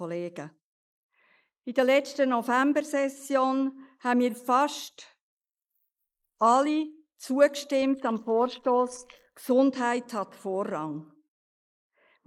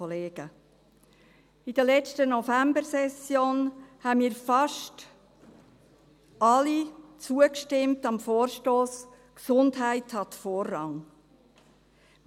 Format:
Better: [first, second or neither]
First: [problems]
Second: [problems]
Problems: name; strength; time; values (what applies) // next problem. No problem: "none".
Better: second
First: noise reduction (neural mask model Resemble Enhance denoiser)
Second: none